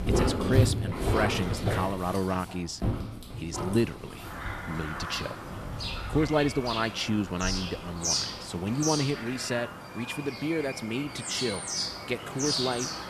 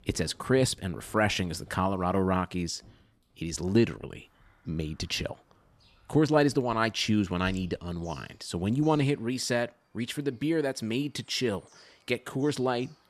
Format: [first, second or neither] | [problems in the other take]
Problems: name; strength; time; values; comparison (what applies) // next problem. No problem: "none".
second | animal sounds; loud; throughout; 1 dB below the speech; faint in the second